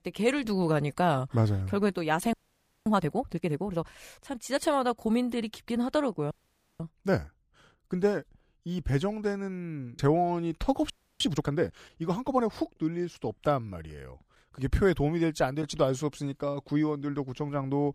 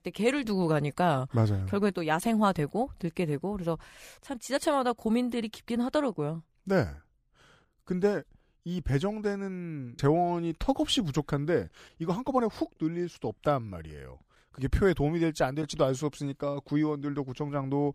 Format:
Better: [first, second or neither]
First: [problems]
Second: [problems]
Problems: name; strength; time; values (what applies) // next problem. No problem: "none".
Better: second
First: audio freezing; at 2.5 s for 0.5 s, at 6.5 s and at 11 s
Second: none